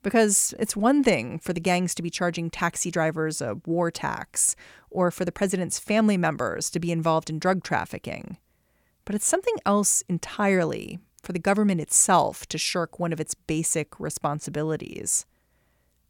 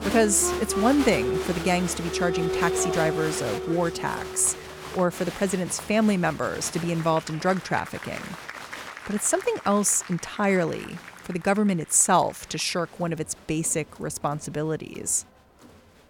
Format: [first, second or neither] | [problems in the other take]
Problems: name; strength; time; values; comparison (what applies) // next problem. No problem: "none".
first | crowd noise; loud; throughout; 8 dB below the speech